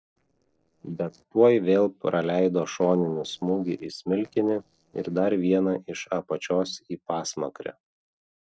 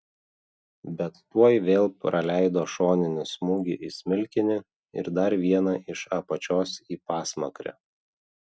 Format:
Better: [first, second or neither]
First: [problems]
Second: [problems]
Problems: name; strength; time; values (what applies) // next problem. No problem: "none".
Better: second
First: noise reduction (neural separator model SepFormer DNS4)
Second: none